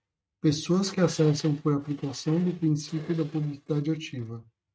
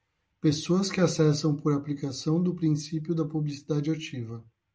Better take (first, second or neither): second